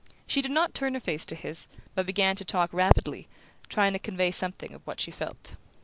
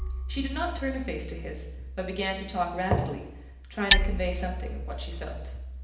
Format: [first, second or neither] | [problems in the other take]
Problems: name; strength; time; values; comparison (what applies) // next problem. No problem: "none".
first | background sound (Hammer); 1 dB above the speech // room echo; dies away in 0.8 s